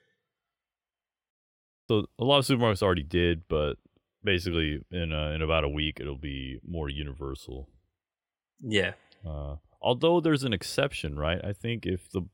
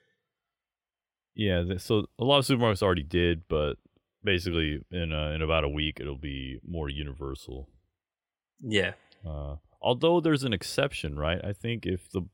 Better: second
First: audio cutting out; at 1.5 s for 0.5 s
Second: none

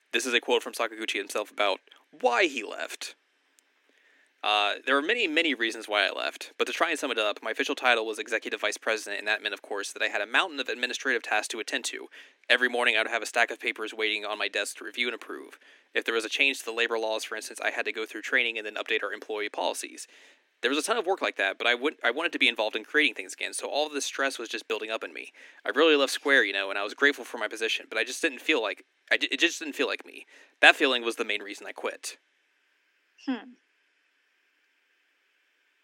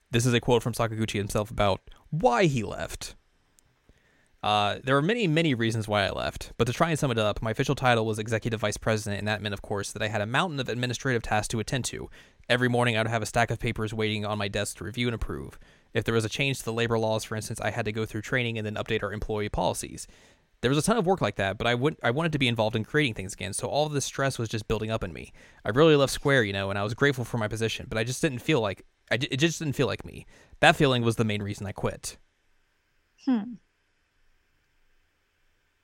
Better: second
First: thin; somewhat; fading below 250 Hz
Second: none

